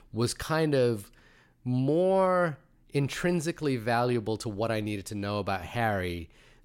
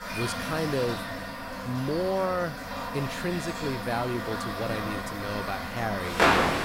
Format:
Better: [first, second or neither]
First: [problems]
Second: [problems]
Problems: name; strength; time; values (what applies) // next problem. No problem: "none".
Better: first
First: none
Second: household noises; very loud; throughout; 1 dB above the speech